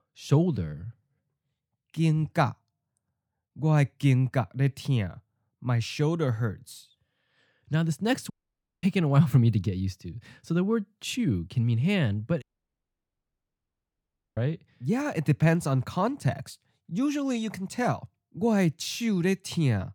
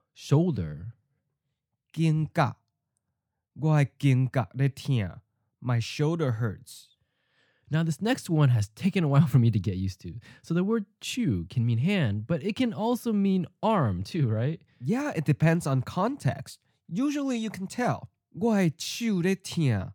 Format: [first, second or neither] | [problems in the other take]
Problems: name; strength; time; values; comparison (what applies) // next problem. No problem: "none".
second | audio cutting out; at 8.5 s for 0.5 s and at 12 s for 2 s